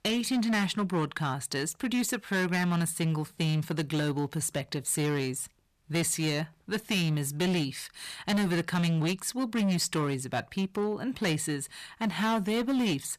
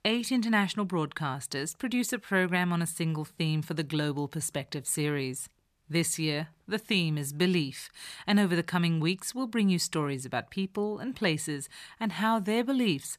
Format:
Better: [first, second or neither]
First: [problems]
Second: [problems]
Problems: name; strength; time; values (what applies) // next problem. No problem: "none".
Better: second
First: distortion; slight; 14% of the sound clipped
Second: none